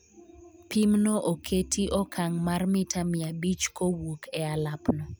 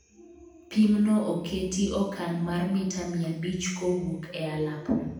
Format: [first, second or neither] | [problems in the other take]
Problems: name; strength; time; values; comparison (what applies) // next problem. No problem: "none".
first | room echo; dies away in 0.9 s